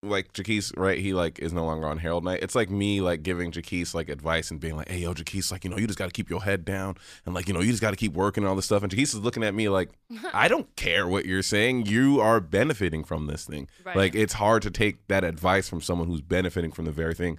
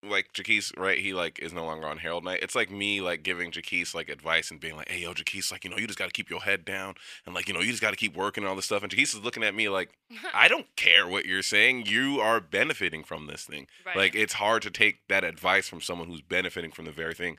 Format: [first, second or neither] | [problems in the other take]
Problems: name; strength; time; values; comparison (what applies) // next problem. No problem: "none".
first | thin; somewhat; fading below 550 Hz